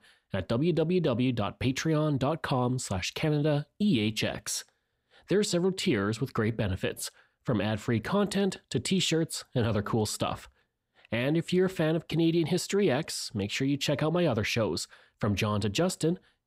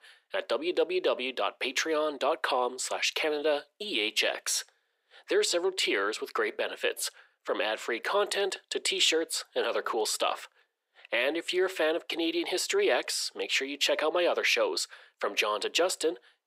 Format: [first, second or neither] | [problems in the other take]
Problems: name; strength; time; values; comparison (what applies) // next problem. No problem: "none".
first | thin; very; fading below 400 Hz